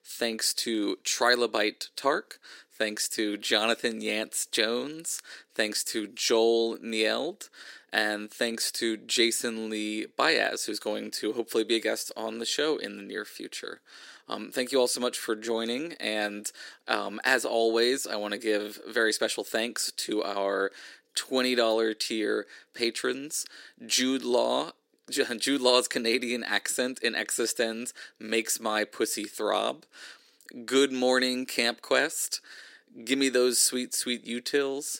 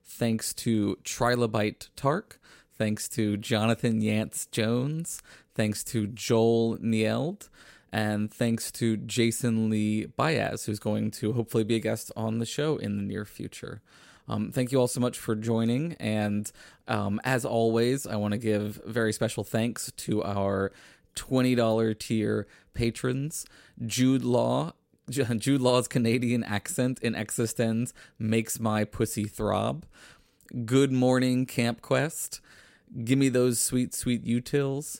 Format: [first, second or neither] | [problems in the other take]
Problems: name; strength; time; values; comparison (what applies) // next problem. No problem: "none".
second | thin; somewhat; fading below 300 Hz